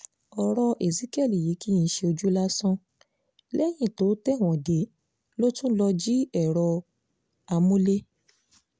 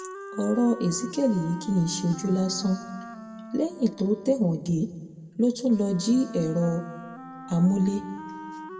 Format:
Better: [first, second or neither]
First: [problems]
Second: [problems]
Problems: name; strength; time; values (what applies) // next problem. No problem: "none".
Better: first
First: none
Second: background sound (Wind instrument, woodwind instrument); 15 dB below the speech // room echo; dies away in 1 s